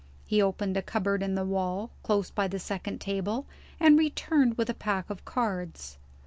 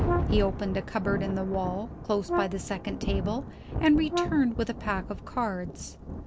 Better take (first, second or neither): first